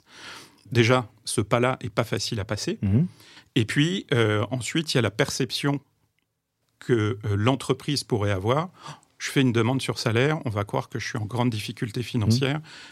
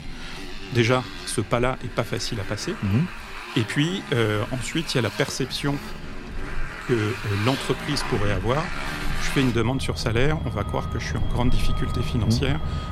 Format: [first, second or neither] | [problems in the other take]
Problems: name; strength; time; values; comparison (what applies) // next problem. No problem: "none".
first | traffic noise; loud; throughout; 7 dB below the speech